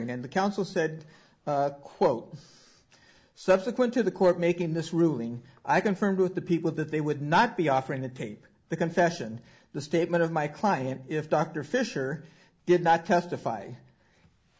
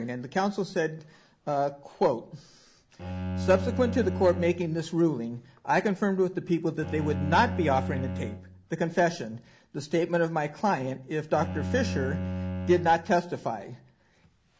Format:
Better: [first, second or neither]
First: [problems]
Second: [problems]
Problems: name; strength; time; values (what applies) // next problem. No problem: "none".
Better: first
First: none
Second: background sound (Bowed string instrument); 6 dB below the speech